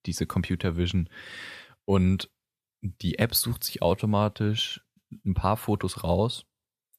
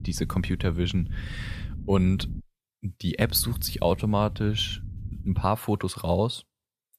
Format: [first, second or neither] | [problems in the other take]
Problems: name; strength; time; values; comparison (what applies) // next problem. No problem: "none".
first | low rumble; faint; until 2.5 s and from 3 to 5.5 s; 20 dB below the speech